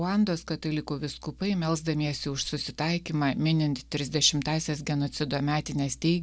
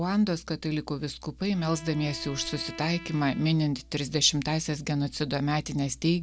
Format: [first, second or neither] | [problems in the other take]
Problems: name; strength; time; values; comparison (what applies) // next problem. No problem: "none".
first | background sound (Bowed string instrument); 18 dB below the speech